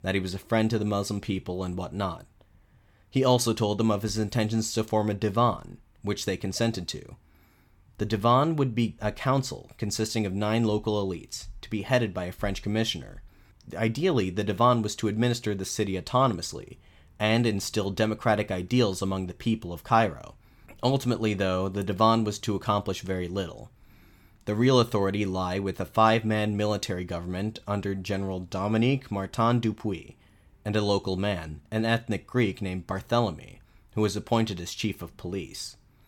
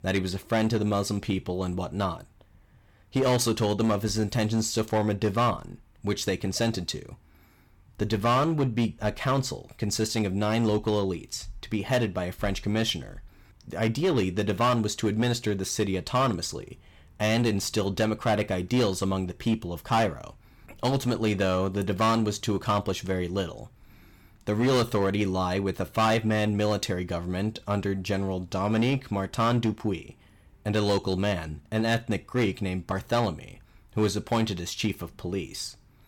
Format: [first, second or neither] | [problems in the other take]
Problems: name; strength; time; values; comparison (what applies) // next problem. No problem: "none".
first | distortion; slight; 6% of the sound clipped